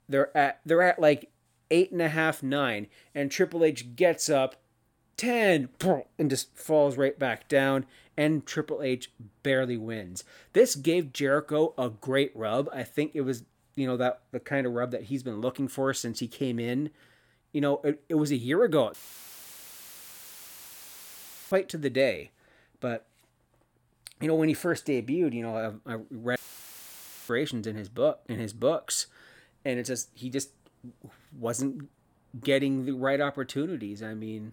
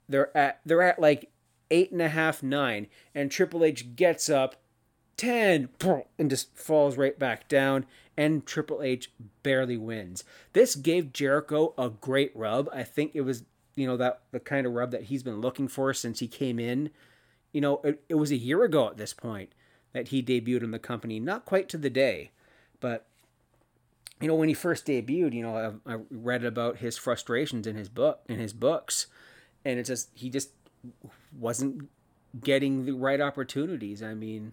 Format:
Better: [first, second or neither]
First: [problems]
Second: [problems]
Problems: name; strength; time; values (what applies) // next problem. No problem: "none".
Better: second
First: audio cutting out; filled with static; at 19 s for 2.5 s and at 26 s for 1 s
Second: none